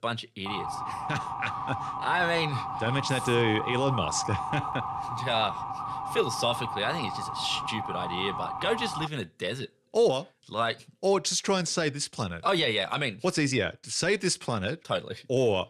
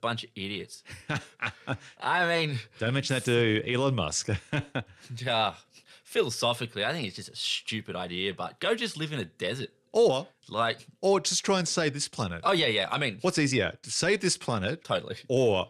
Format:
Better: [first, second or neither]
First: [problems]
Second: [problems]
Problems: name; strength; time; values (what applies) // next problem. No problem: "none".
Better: second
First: siren; noticeable; until 9 s; peak 3 dB below the speech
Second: none